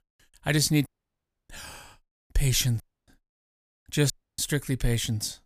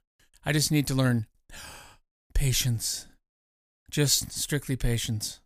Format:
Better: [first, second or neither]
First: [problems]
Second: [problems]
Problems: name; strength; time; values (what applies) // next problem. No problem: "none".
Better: second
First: audio cutting out; at 1 s for 0.5 s, at 3 s and at 4 s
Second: none